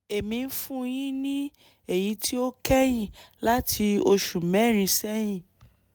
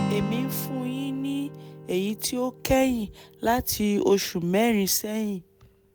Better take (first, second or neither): first